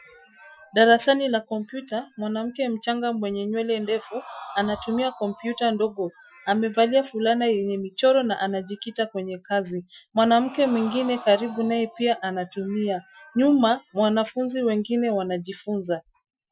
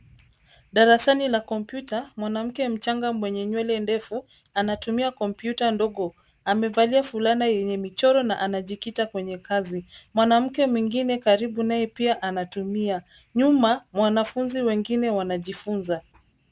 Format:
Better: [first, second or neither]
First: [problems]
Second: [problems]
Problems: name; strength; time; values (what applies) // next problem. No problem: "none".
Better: second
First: noise reduction (classical method Wiener filter)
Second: none